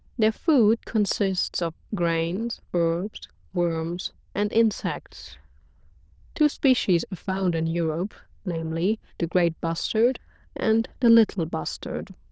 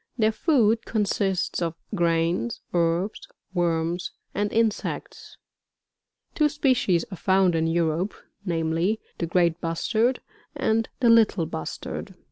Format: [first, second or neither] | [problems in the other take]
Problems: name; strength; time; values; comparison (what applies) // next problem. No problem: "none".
second | noise reduction (neural diffusion model UNIVERSE++)